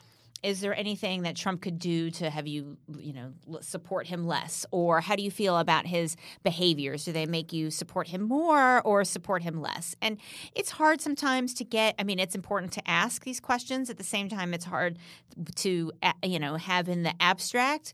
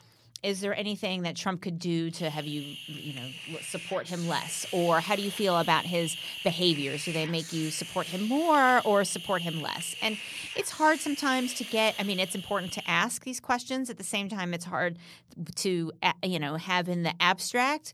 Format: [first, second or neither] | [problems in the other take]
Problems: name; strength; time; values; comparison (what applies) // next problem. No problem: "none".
first | hiss; loud; from 2 to 13 s; 9 dB below the speech